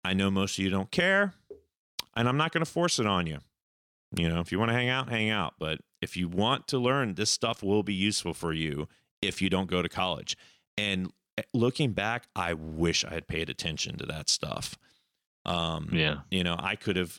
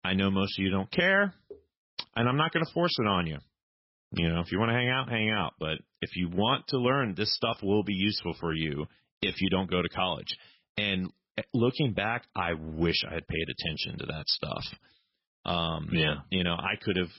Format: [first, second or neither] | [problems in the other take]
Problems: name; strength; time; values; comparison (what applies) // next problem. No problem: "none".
first | garbled, watery; badly; nothing above 5.5 kHz